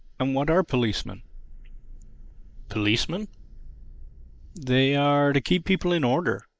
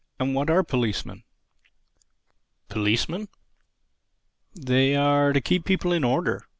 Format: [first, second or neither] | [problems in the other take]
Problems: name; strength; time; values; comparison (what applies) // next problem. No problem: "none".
second | noise reduction (neural mask model Resemble Enhance denoiser)